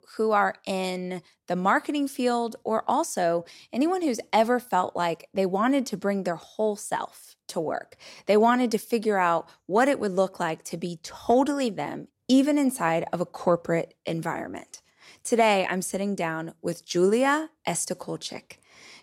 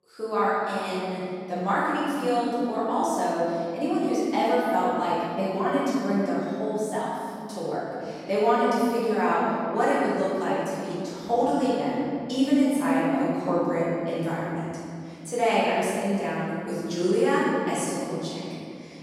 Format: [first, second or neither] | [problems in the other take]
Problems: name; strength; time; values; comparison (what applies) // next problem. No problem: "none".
first | off-mic speech; far // room echo; strong; dies away in 2.6 s